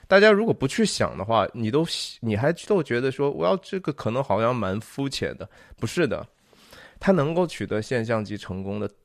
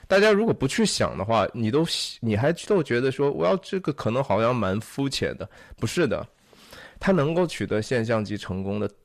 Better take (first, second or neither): first